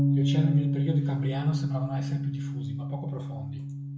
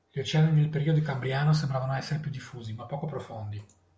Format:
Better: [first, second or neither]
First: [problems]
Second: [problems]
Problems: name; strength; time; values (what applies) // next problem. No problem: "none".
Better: second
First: background sound (Bass guitar); 4 dB above the speech // room echo; dies away in 0.5 s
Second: none